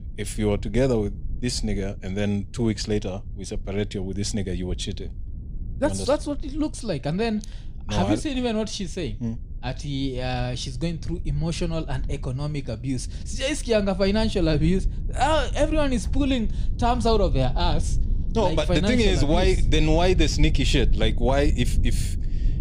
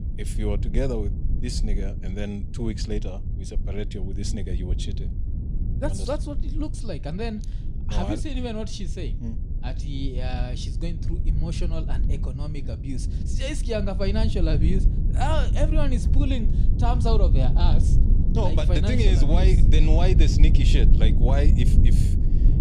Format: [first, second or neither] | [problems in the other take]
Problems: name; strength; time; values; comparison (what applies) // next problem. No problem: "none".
first | low rumble; loud; throughout; 7 dB below the speech; faint in the first